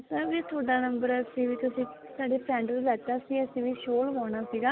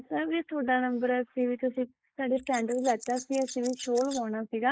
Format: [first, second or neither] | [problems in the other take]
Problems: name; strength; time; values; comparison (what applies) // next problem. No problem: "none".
first | noise reduction (neural mask model Resemble Enhance denoiser)